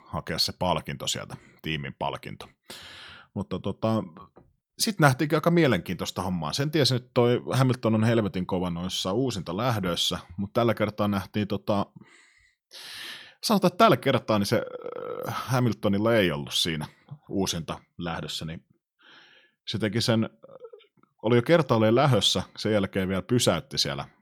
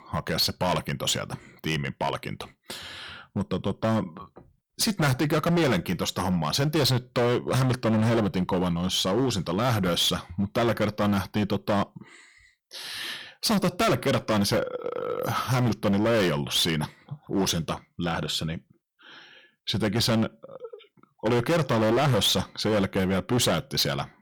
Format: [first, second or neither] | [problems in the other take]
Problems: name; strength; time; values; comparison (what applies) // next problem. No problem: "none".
first | distortion; heavy; 14% of the sound clipped